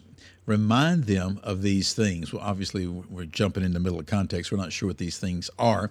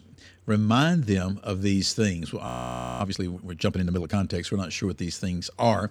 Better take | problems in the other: first | audio freezing; at 2.5 s for 0.5 s

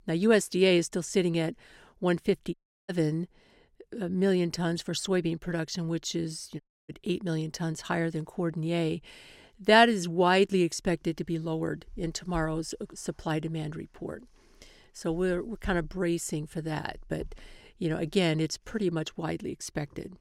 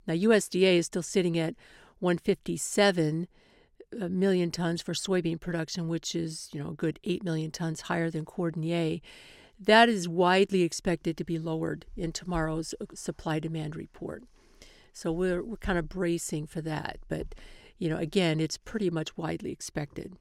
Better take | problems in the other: second | audio cutting out; at 2.5 s and at 6.5 s

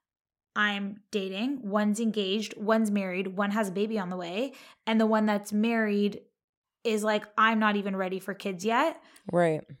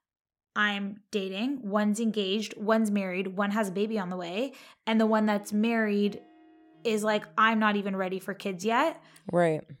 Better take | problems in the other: first | background music; faint; from 5 s on; 30 dB below the speech

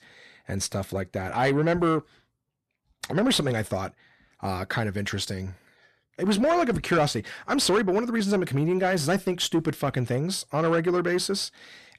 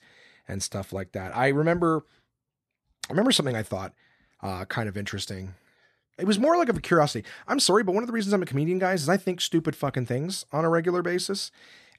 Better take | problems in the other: second | distortion; slight; 10 dB below the speech

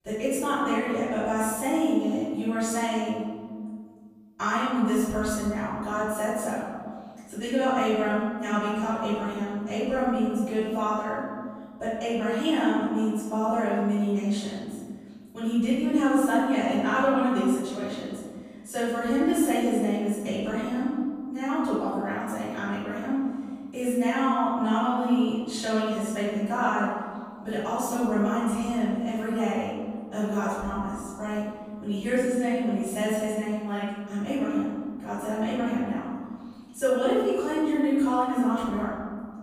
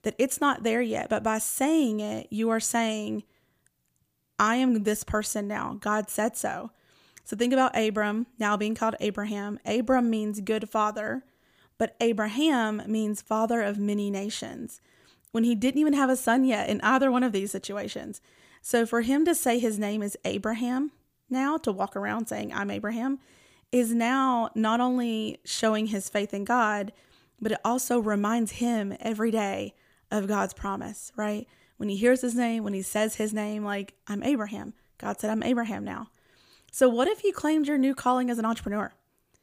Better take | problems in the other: second | off-mic speech; far // room echo; strong; dies away in 1.7 s

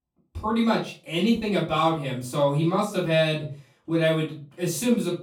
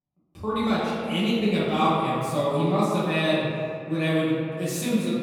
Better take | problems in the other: first | room echo; strong; dies away in 2.2 s; slight in the first // off-mic speech; far; far in the first

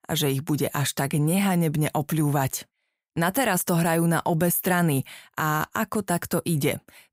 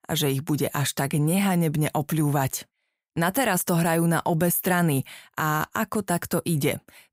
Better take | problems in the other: neither | none

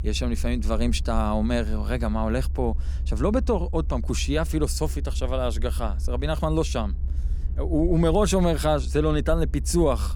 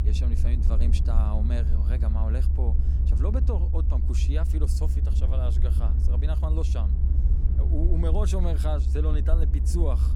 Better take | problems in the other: first | low rumble; loud; throughout; 5 dB below the speech; faint in the first

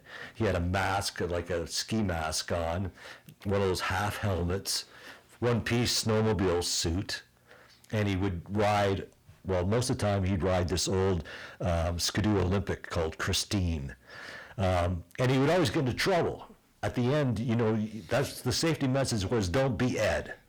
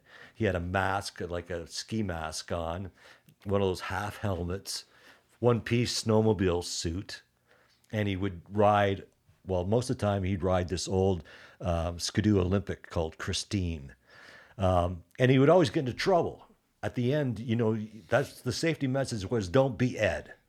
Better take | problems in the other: second | distortion; heavy; 5 dB below the speech

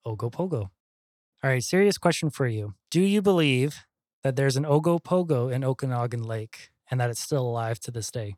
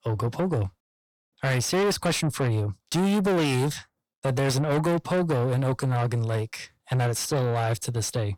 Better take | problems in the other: first | distortion; heavy; 6 dB below the speech

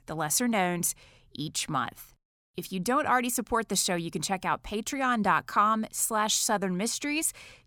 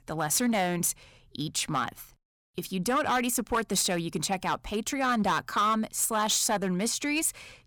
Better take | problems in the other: first | distortion; slight; 5% of the sound clipped

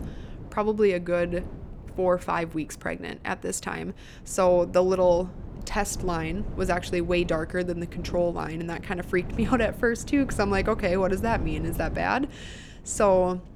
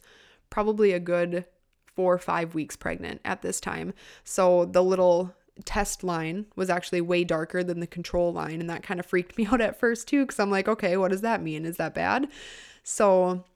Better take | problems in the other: second | wind noise on the microphone; occasional gusts; 20 dB below the speech

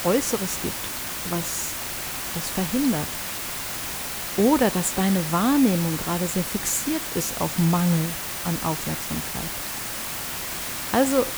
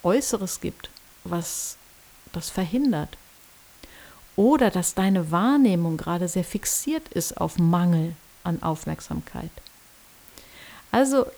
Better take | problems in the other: second | hiss; loud; throughout; 4 dB below the speech; faint in the second

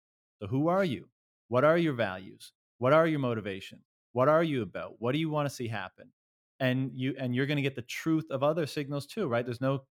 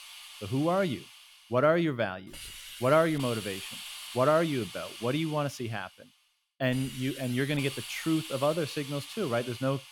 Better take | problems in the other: first | hiss; noticeable; throughout; 10 dB below the speech

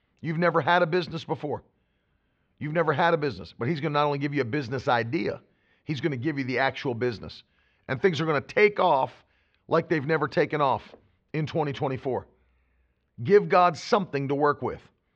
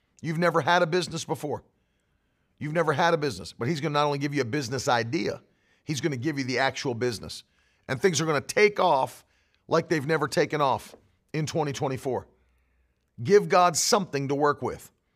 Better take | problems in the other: second | muffled; slightly; fading above 4 kHz

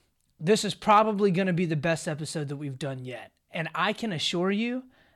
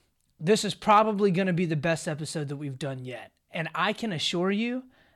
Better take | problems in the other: neither | none

